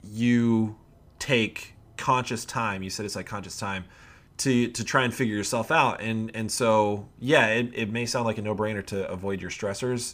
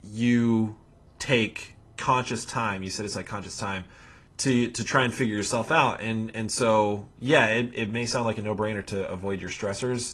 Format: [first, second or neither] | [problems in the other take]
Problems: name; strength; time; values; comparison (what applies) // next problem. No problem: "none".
first | garbled, watery; slightly